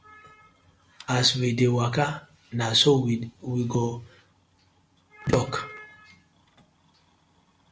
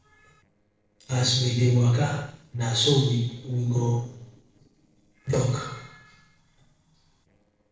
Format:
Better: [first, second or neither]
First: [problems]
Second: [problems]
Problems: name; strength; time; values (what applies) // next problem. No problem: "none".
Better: first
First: none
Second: noise reduction (neural separator model SepFormer DNS4)